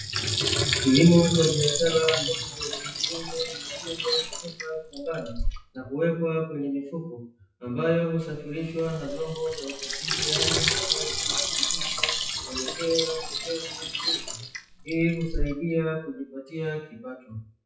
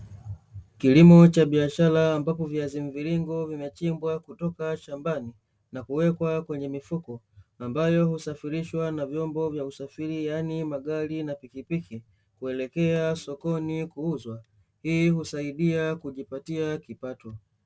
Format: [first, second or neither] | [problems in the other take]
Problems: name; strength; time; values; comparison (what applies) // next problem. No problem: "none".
second | noise reduction (classical method WPE with log-MMSE)